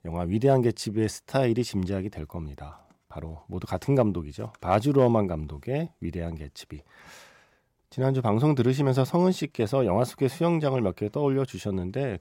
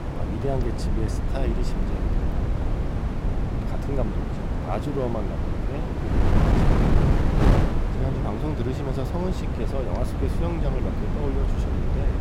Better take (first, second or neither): first